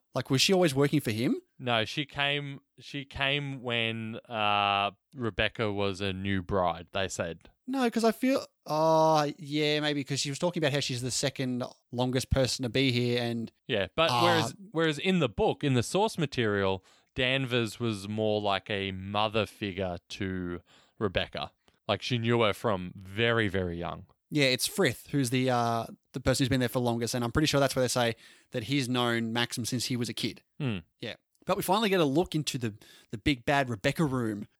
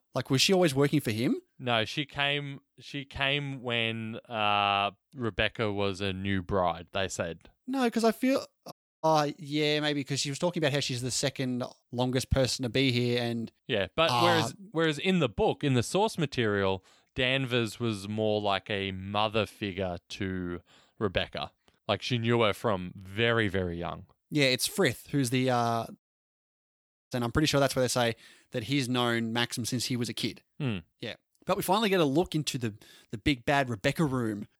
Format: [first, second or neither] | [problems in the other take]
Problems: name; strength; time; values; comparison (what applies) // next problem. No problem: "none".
first | audio cutting out; at 8.5 s and at 26 s for 1 s